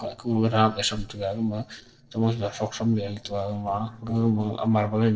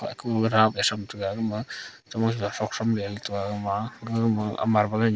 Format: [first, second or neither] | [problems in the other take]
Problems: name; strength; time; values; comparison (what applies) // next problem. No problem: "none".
second | noise reduction (neural separator model SepFormer DNS4)